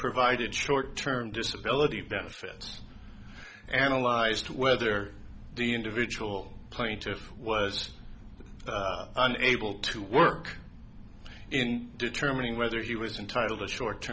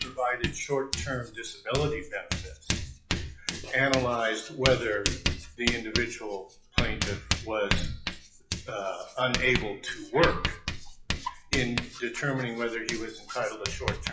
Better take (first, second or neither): first